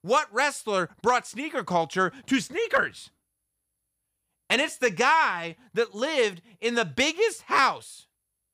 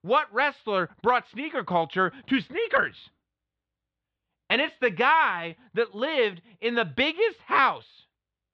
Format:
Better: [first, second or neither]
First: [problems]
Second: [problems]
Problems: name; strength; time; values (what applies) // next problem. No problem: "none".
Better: first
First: none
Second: muffled; slightly; fading above 3.5 kHz